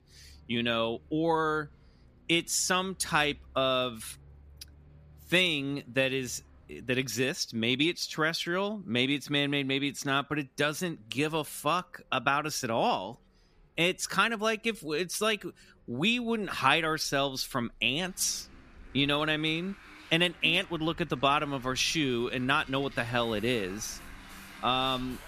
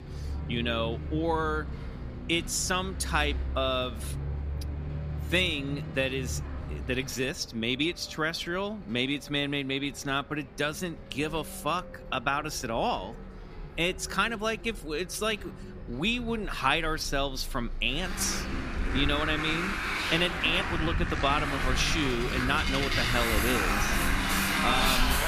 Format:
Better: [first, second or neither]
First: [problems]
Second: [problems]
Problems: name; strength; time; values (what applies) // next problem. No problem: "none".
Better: first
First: traffic noise; faint; throughout; 25 dB below the speech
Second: traffic noise; loud; throughout; 2 dB below the speech